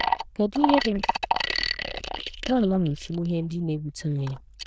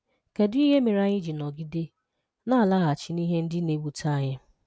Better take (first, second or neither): second